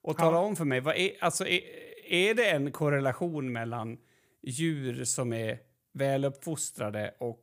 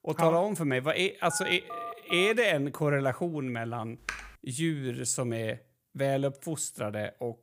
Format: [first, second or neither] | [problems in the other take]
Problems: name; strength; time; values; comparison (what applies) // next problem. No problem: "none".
first | phone ringing; noticeable; from 1.5 to 2.5 s; peak 9 dB below the speech // keyboard typing; noticeable; at 4 s; peak 9 dB below the speech